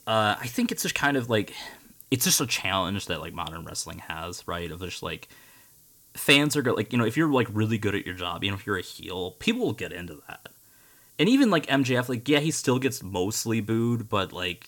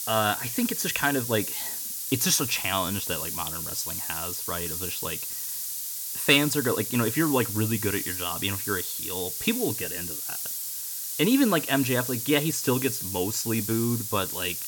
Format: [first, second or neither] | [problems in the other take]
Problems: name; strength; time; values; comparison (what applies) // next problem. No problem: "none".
first | hiss; loud; throughout; 3 dB below the speech; faint in the first